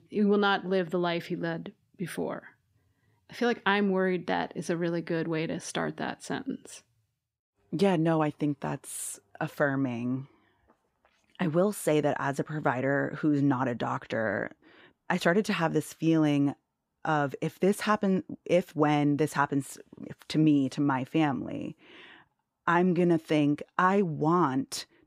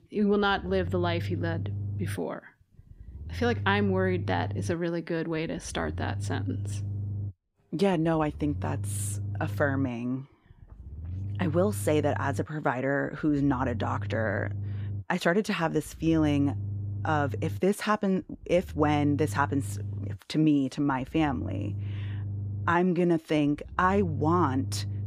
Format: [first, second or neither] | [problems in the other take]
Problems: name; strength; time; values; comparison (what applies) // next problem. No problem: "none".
first | low rumble; noticeable; throughout; 20 dB below the speech